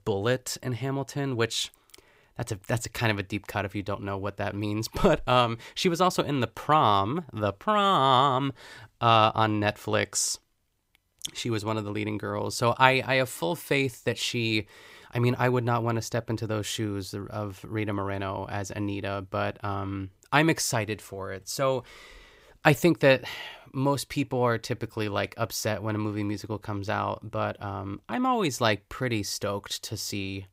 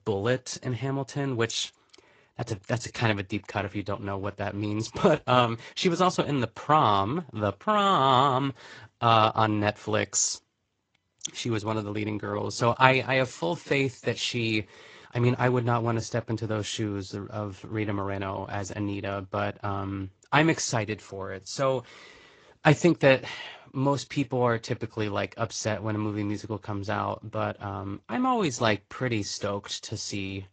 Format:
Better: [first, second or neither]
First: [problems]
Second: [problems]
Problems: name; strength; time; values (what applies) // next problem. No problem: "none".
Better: first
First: none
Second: garbled, watery; slightly; nothing above 7.5 kHz